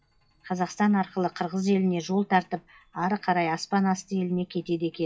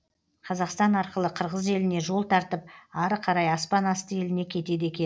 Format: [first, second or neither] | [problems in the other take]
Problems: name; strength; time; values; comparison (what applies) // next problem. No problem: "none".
second | noise reduction (classical method WPE with log-MMSE)